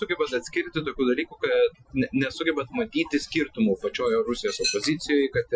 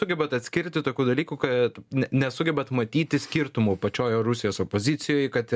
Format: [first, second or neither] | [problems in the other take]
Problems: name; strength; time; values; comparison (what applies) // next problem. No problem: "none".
second | noise reduction (classical method Wiener filter)